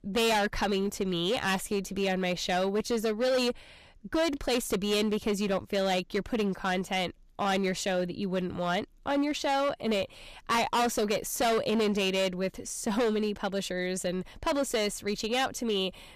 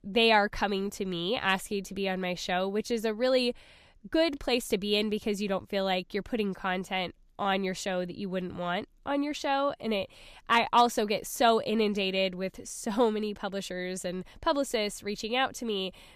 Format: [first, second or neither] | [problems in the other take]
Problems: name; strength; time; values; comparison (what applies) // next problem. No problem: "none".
second | distortion; heavy; 12% of the sound clipped